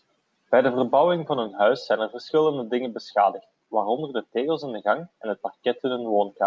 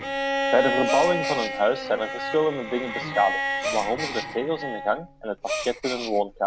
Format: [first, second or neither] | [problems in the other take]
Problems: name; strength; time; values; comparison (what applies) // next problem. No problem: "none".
first | background sound (Gasp + Bowed string instrument); 3 dB below the speech